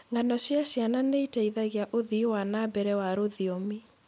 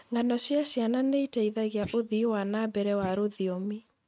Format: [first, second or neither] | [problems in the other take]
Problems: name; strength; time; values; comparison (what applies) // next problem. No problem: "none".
first | noise reduction (neural mask model RNNoise)